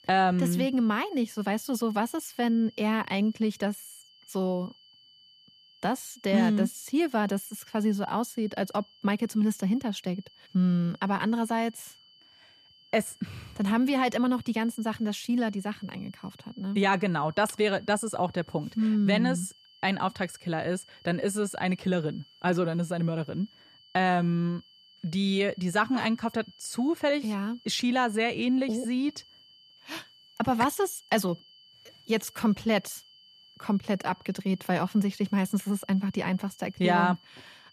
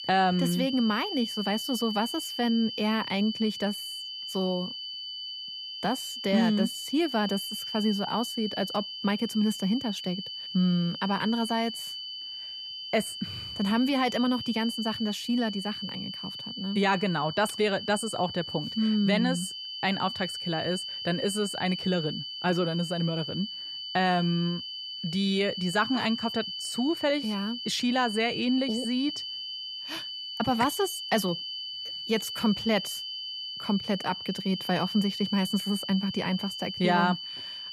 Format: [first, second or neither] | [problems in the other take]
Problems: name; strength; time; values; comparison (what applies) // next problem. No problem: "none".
first | high-pitched whine; loud; throughout; 3 kHz, 6 dB below the speech; faint in the first